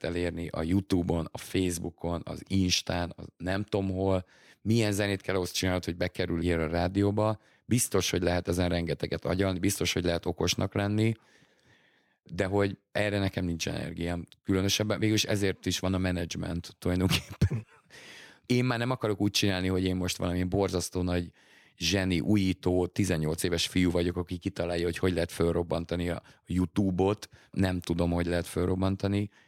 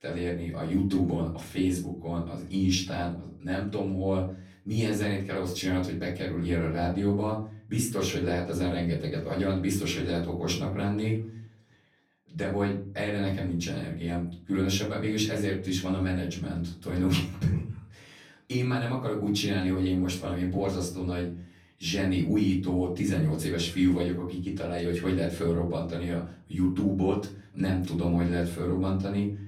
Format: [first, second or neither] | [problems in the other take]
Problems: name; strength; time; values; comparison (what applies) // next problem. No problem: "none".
first | off-mic speech; far // room echo; slight; dies away in 0.4 s